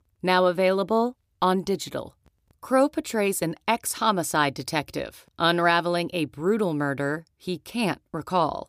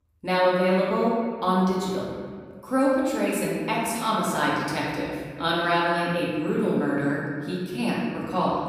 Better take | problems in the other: first | room echo; noticeable; dies away in 1.8 s // off-mic speech; far

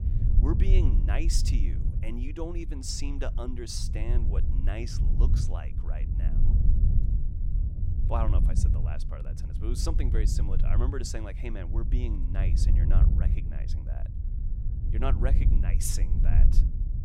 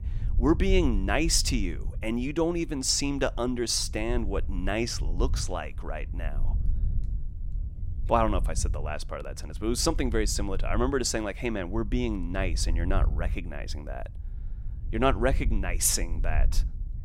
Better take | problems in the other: second | low rumble; loud; throughout; 6 dB below the speech; faint in the second

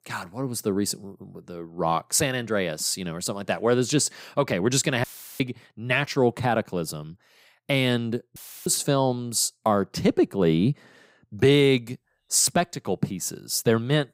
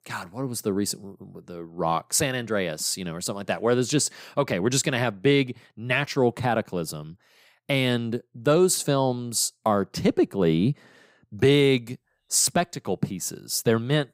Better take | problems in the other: second | audio cutting out; filled with static; at 5 s and at 8.5 s

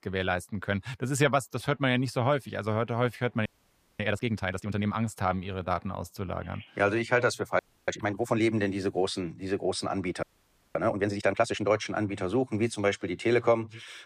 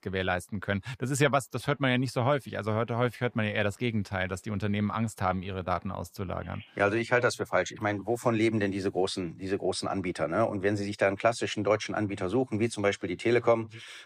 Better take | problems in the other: second | audio freezing; at 3.5 s for 0.5 s, at 7.5 s and at 10 s for 0.5 s

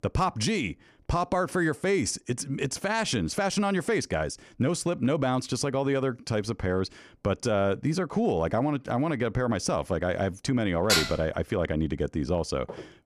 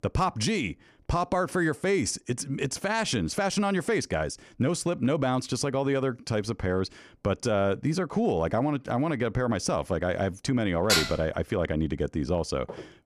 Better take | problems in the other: neither | clattering dishes; loud; at 11 s; peak 4 dB above the speech; the same in both // footsteps; faint; at 12 s; peak 15 dB below the speech; the same in both

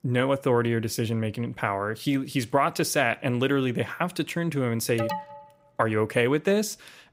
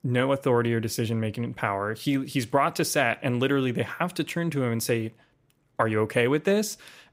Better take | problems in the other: second | alarm; noticeable; at 5 s; peak 6 dB below the speech

